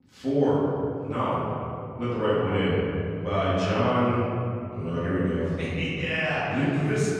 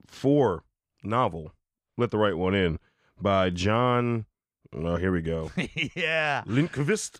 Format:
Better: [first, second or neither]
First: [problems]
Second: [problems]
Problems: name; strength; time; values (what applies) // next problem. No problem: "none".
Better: second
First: off-mic speech; far // room echo; strong; dies away in 2.7 s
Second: none